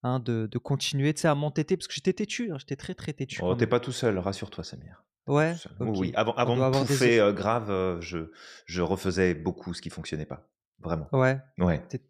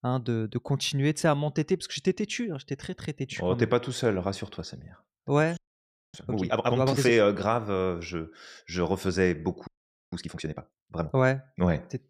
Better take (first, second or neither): first